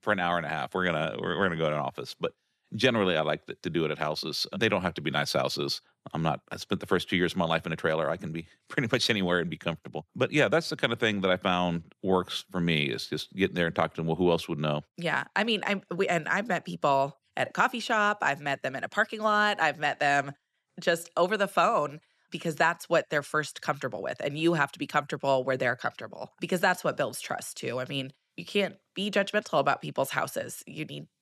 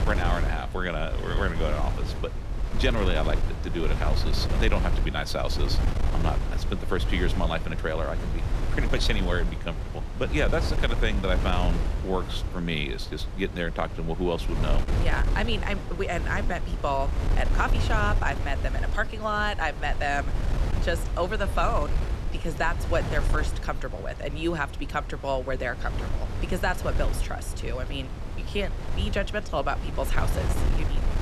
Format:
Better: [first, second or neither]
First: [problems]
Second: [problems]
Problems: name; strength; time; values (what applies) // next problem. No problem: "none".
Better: first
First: none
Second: wind noise on the microphone; heavy; 9 dB below the speech